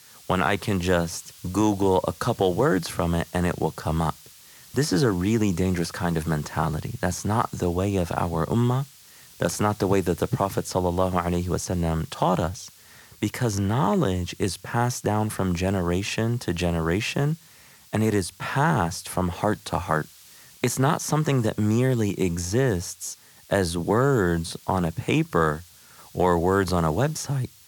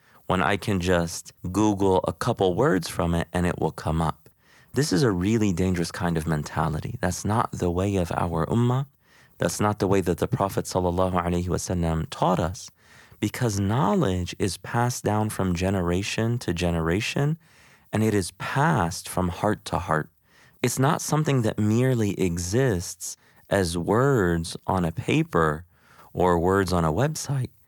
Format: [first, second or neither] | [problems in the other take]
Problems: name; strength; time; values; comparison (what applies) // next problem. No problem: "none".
second | hiss; faint; throughout; 25 dB below the speech